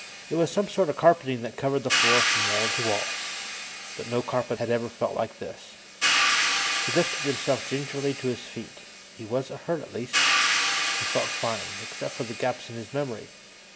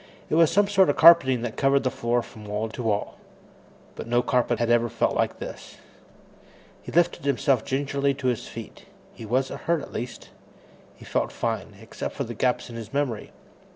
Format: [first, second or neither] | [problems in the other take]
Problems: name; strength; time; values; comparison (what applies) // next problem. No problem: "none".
second | background sound (Hi-hat); as loud as the speech